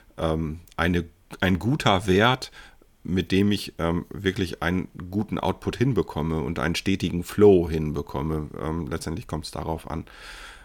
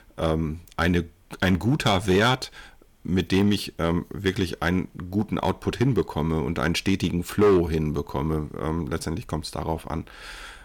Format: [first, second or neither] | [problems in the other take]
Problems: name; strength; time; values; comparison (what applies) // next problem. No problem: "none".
first | distortion; slight; 3% of the sound clipped